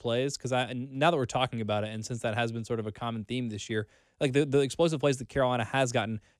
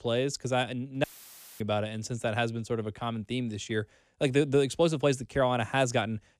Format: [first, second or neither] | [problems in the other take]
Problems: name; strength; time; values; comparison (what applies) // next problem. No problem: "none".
first | audio cutting out; filled with static; at 1 s for 0.5 s